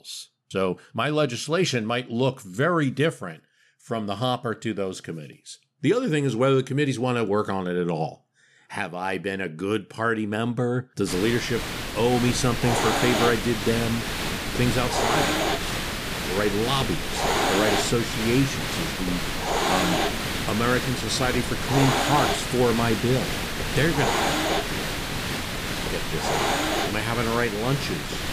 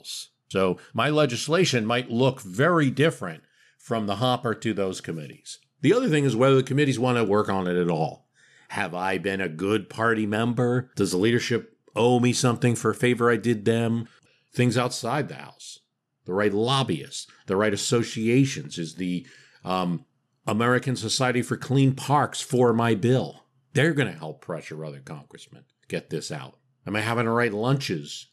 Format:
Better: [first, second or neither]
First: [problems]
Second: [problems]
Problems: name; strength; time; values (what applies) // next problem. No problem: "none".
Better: second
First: hiss; loud; from 11 s on; as loud as the speech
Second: none